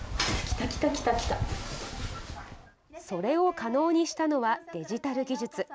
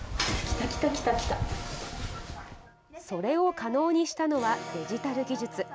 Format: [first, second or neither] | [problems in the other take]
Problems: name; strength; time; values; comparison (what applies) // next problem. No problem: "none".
first | background sound (Electric guitar / Acoustic guitar); 14 dB below the speech